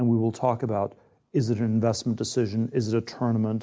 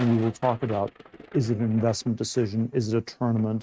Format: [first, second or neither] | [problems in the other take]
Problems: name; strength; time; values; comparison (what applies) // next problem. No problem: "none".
first | noise reduction (neural mask model RNNoise)